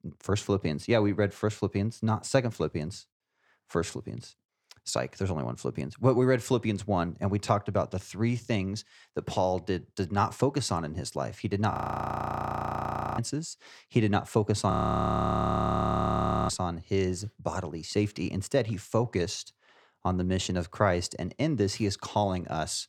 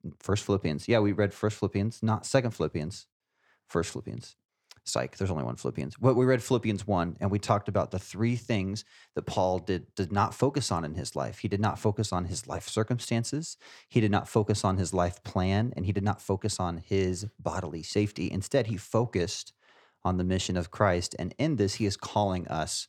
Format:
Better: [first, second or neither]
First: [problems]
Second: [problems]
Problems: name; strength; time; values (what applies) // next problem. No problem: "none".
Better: second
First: audio freezing; at 12 s for 1.5 s and at 15 s for 2 s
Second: none